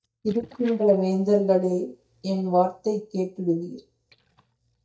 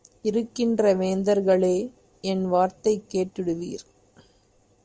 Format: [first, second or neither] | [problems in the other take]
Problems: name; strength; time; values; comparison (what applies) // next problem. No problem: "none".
second | noise reduction (neural mask model DeepFilterNet 3)